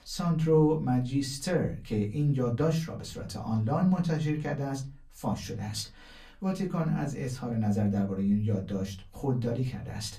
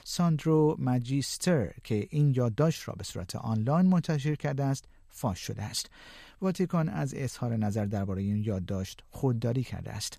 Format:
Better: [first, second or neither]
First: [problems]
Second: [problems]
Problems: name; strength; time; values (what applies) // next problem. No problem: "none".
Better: second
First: off-mic speech; far // room echo; very slight; dies away in 0.3 s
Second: none